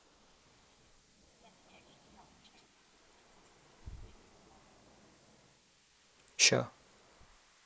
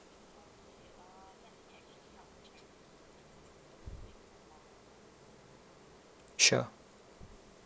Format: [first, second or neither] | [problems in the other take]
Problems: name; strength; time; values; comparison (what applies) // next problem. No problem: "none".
second | noise reduction (neural mask model Resemble Enhance denoiser)